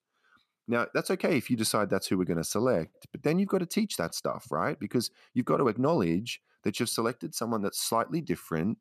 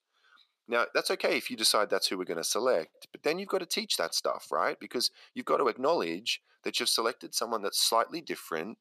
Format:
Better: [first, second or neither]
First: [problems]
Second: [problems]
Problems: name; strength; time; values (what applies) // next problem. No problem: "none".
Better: first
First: none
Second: thin; somewhat; fading below 500 Hz